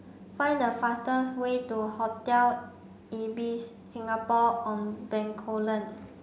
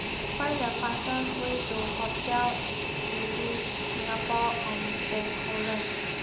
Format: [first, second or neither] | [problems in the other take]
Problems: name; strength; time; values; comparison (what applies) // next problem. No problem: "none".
first | background sound (Fixed-wing aircraft, airplane); 1 dB above the speech